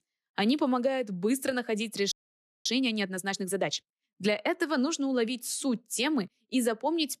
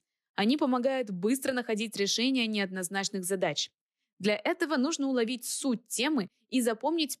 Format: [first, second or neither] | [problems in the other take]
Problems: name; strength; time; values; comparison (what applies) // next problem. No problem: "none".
second | audio freezing; at 2 s for 0.5 s